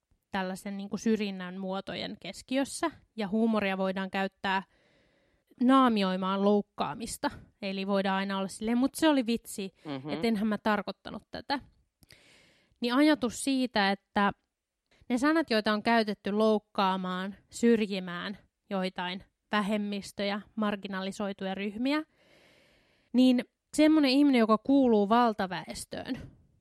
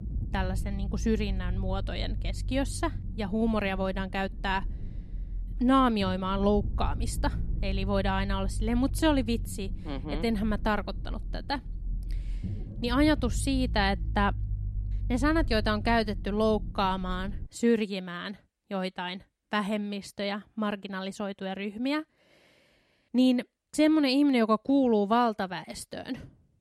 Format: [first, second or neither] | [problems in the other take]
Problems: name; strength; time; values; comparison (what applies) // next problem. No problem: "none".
first | low rumble; faint; until 17 s; 20 dB below the speech